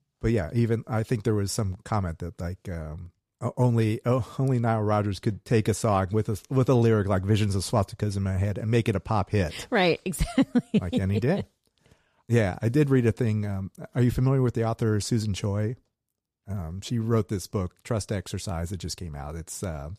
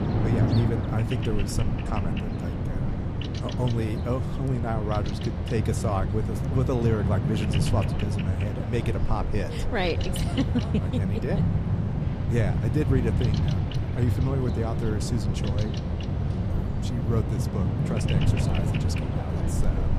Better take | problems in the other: first | animal sounds; very loud; throughout; 3 dB above the speech

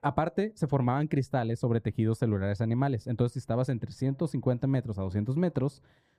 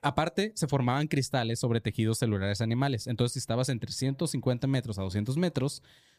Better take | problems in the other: second | muffled; very; fading above 2 kHz

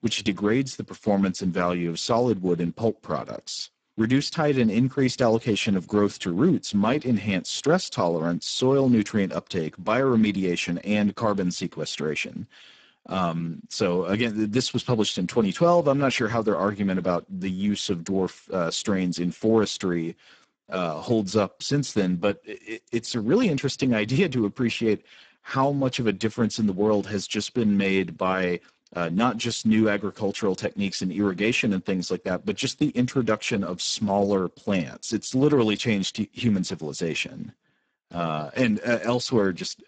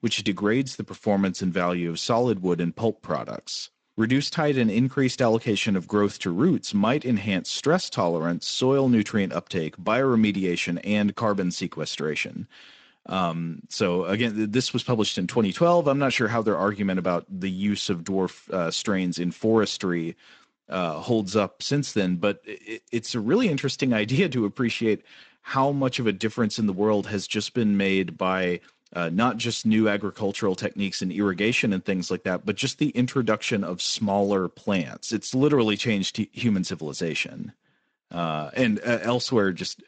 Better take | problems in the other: second | garbled, watery; badly; nothing above 8 kHz; slightly in the second

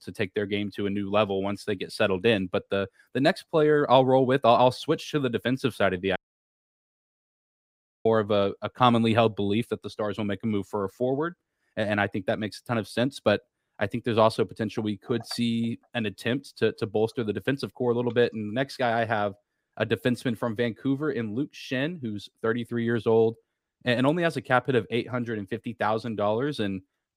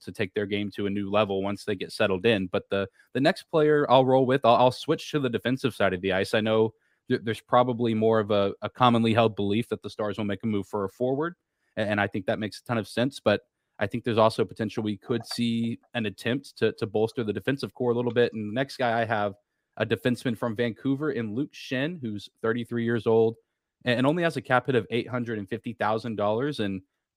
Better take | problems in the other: second | audio cutting out; at 6 s for 2 s

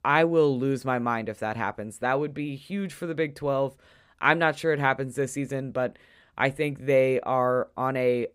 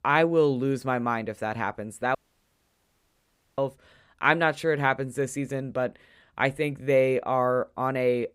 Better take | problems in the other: first | audio cutting out; at 2 s for 1.5 s

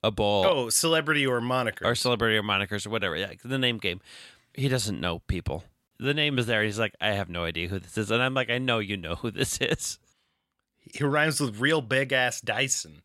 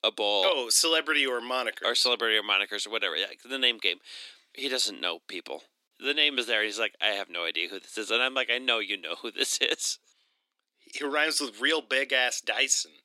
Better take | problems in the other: first | thin; somewhat; fading below 300 Hz

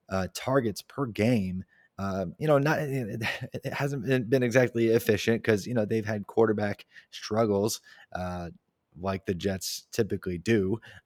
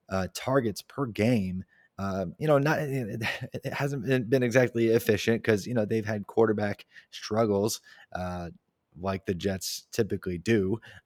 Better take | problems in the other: neither | none

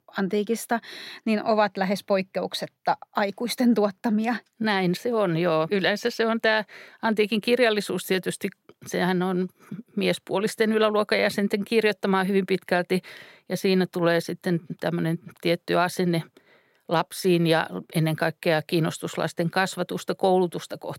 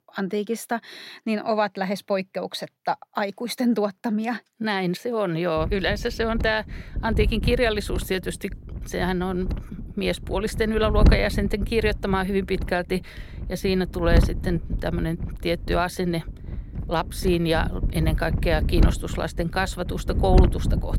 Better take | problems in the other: first | wind noise on the microphone; occasional gusts; from 5.5 s on; 10 dB below the speech

